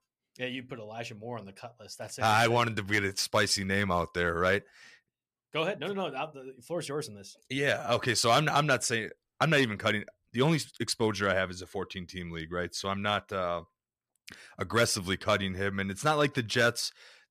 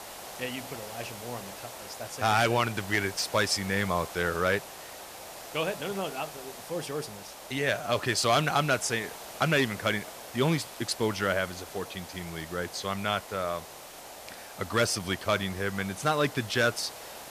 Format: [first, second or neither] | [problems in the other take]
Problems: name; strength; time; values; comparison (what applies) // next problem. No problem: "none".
first | hiss; noticeable; throughout; 15 dB below the speech